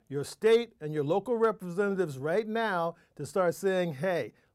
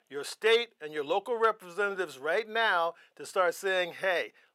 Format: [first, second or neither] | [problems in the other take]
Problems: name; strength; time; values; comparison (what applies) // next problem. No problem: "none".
first | thin; very; fading below 500 Hz